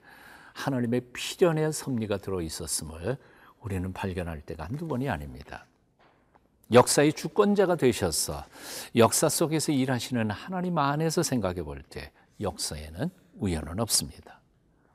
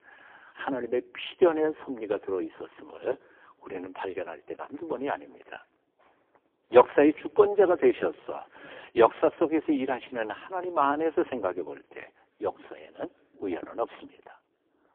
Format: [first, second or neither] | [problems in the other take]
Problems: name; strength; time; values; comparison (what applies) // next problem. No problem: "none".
first | phone-call audio; poor line